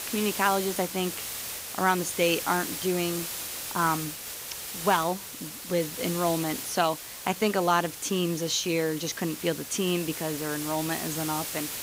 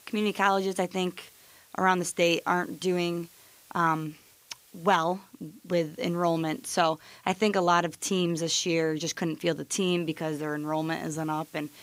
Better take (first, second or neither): second